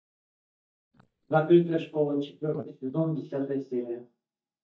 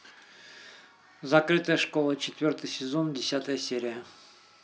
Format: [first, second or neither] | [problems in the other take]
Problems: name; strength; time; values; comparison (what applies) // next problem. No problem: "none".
second | noise reduction (neural mask model DeepFilterNet 3)